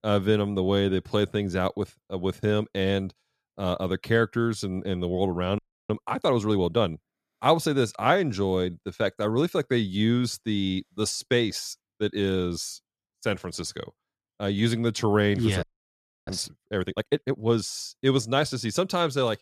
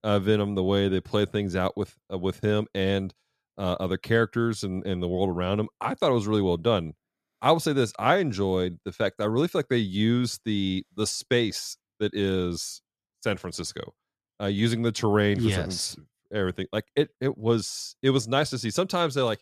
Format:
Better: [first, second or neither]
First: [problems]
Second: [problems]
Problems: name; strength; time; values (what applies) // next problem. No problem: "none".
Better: second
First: audio freezing; at 5.5 s and at 16 s for 0.5 s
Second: none